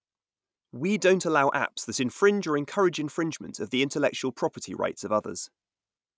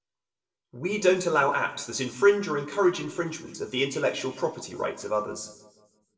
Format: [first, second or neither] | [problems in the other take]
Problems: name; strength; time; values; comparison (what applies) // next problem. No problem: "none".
first | room echo; dies away in 0.7 s